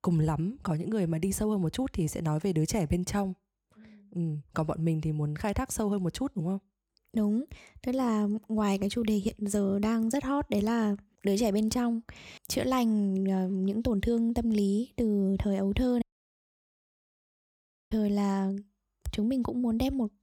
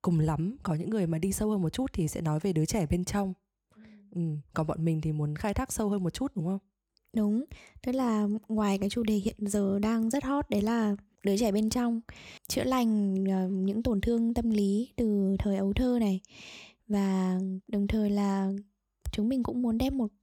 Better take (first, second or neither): second